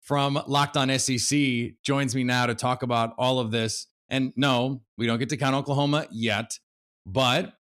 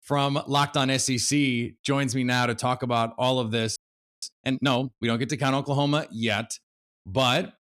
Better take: first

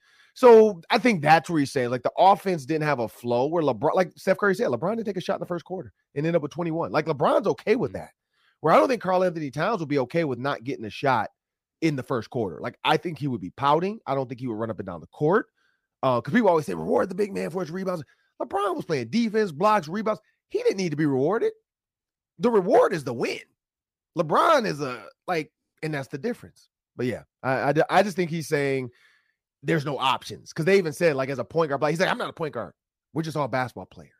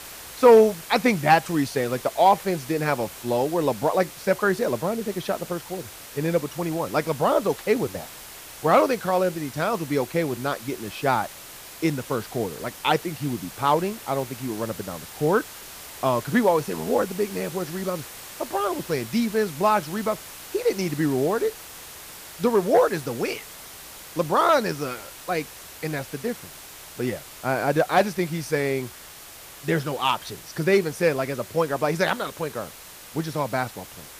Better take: first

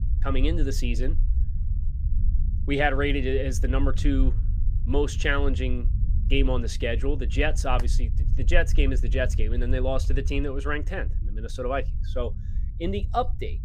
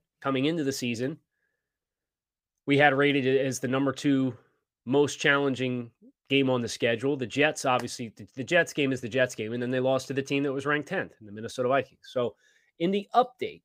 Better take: second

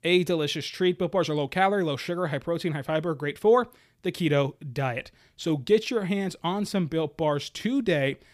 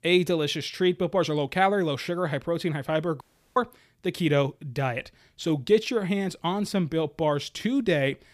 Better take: first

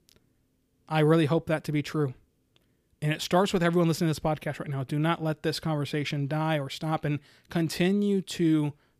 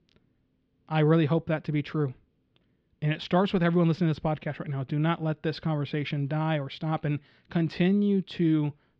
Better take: first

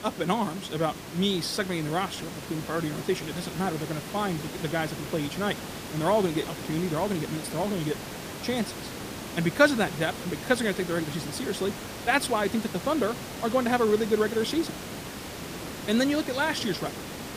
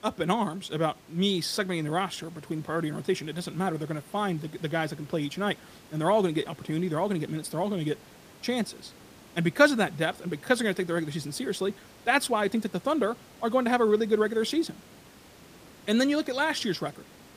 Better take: second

